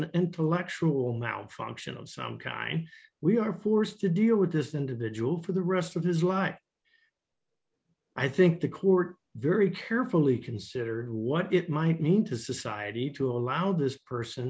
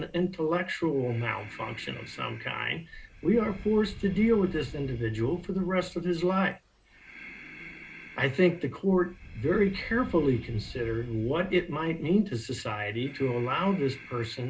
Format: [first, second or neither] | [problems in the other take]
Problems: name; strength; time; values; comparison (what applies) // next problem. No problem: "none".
first | background sound (Breathing); 17 dB below the speech // room echo; dies away in 0.2 s